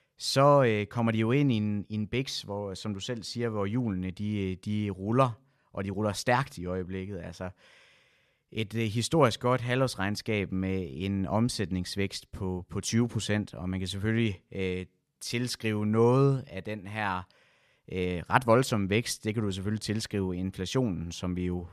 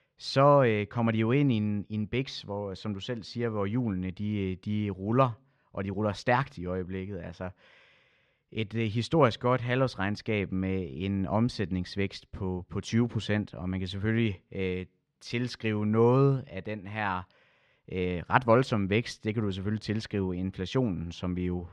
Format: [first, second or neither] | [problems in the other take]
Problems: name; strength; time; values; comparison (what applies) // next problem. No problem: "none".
first | muffled; very slightly; fading above 3.5 kHz